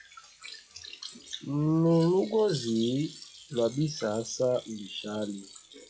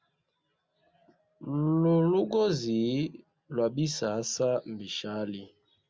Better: second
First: noise reduction (classical method log-MMSE)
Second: none

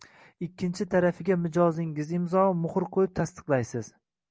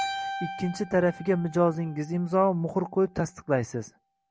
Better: first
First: none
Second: background sound (Keyboard (musical)); 12 dB below the speech

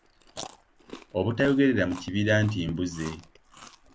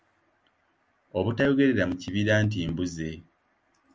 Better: second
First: background sound (Chewing, mastication); 19 dB below the speech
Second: none

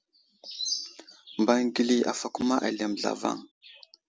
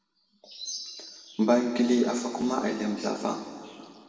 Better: first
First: none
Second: room echo; dies away in 2 s

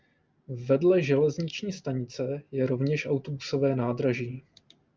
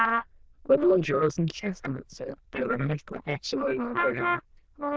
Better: first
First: none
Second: noise reduction (neural diffusion model UNIVERSE++)

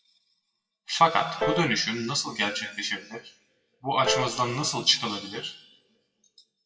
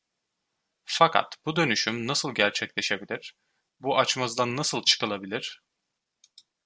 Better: second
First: noise reduction (classical method WPE with log-MMSE)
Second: none

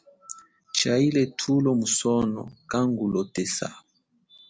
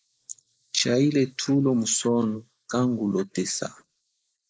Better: first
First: none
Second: noise reduction (neural mask model Resemble Enhance denoiser)

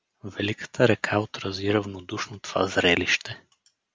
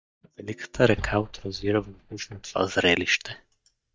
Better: first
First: none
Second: noise reduction (neural mask model DeepFilterNet 3)

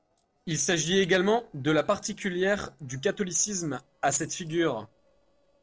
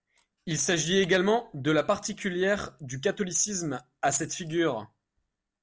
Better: second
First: noise reduction (neural separator model SepFormer DNS4)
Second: none

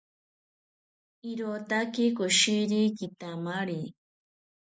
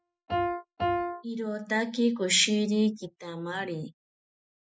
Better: first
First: none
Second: noise reduction (classical method Wiener filter)

